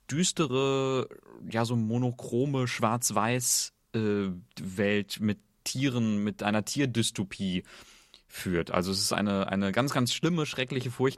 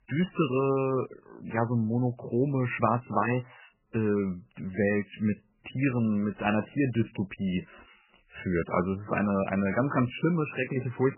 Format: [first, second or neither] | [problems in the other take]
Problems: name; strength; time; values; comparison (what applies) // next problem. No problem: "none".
first | garbled, watery; badly; nothing above 3 kHz